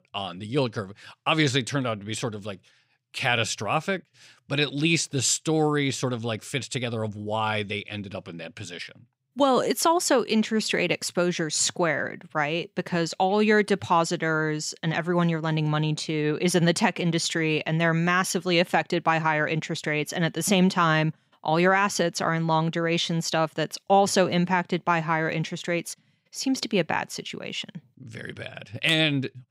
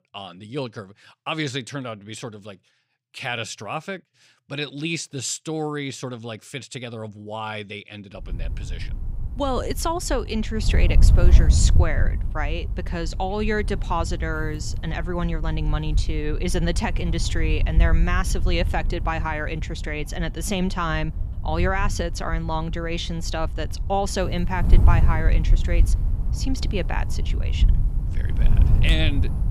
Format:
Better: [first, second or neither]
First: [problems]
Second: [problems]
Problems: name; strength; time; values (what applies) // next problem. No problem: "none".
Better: first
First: none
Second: wind noise on the microphone; occasional gusts; from 8.5 s on; 15 dB below the speech